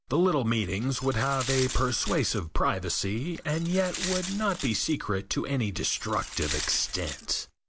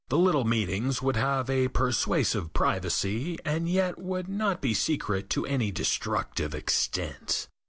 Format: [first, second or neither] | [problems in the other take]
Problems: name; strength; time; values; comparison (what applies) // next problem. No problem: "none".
second | background sound (Glass); 10 dB below the speech